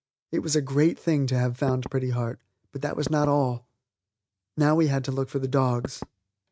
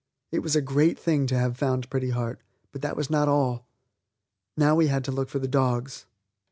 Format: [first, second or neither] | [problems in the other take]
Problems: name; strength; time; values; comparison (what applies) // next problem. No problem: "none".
second | noise reduction (neural mask model RNNoise)